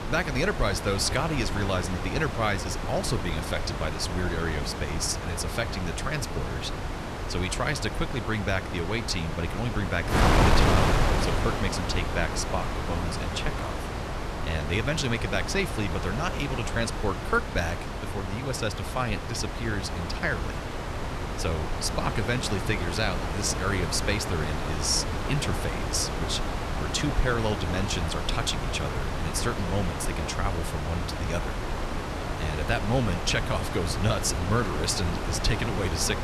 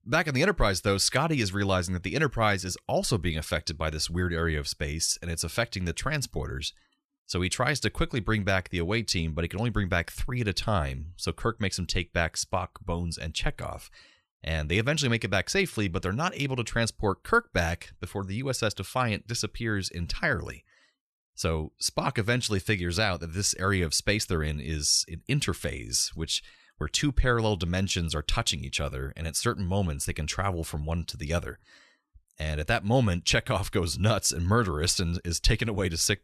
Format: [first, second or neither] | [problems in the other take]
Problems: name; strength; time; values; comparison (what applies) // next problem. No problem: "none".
second | wind noise on the microphone; heavy; 2 dB below the speech